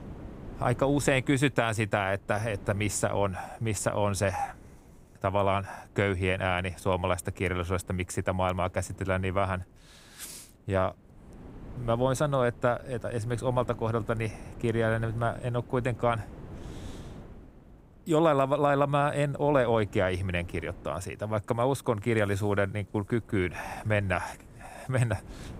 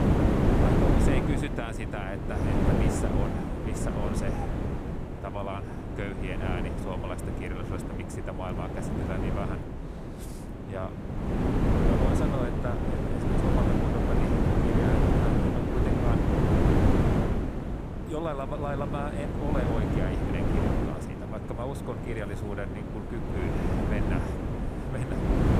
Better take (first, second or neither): first